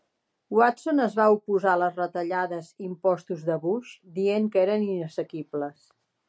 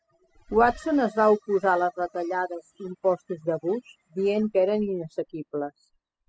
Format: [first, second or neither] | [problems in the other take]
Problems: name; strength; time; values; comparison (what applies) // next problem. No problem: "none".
first | noise reduction (classical method spectral subtraction)